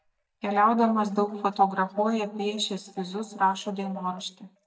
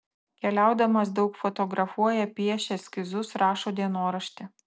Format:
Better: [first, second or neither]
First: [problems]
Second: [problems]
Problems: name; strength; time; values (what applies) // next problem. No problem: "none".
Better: second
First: noise reduction (neural mask model DeepFilterNet 3)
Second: none